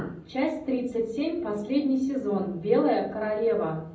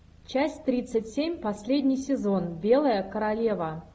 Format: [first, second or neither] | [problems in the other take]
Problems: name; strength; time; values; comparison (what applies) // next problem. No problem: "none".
second | room echo; dies away in 0.6 s